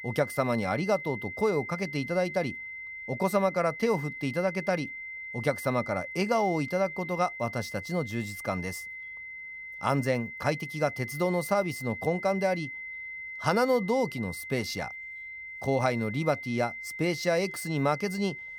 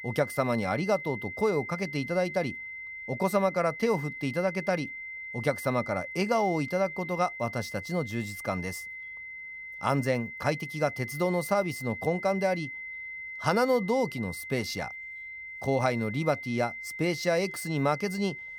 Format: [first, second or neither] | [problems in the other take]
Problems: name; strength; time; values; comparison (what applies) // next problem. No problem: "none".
neither | high-pitched whine; loud; throughout; 2 kHz, 9 dB below the speech; the same in both